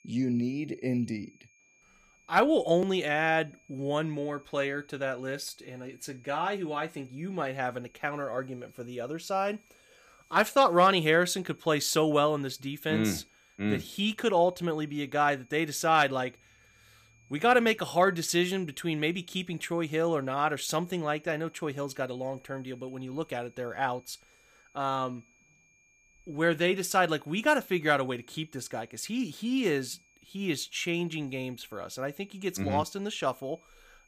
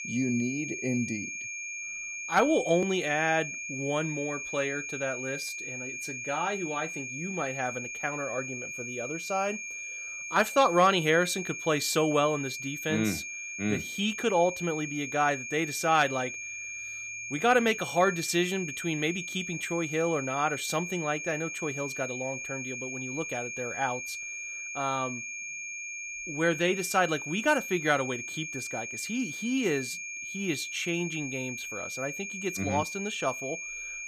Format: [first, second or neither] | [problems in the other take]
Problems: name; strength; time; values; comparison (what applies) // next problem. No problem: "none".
first | high-pitched whine; loud; throughout; 2.5 kHz, 6 dB below the speech; faint in the first